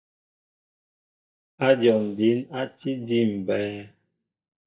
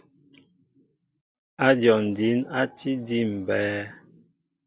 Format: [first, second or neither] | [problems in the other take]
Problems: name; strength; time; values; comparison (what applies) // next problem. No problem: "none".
second | noise reduction (neural mask model DeepFilterNet 3)